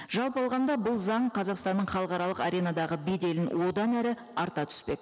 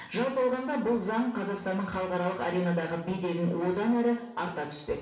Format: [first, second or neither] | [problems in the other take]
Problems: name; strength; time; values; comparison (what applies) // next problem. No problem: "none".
first | room echo; dies away in 0.6 s